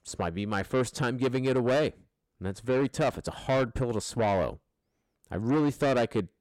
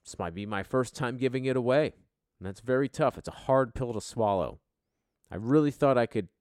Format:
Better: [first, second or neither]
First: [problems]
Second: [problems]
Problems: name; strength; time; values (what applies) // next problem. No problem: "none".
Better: second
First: distortion; heavy; 8 dB below the speech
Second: none